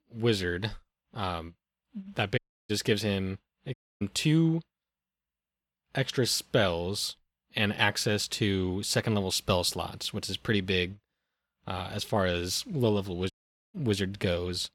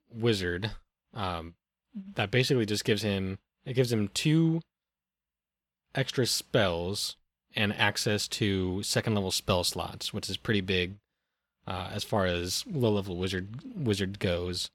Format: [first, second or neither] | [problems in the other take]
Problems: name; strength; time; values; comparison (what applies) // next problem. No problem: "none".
second | audio cutting out; at 2.5 s, at 3.5 s and at 13 s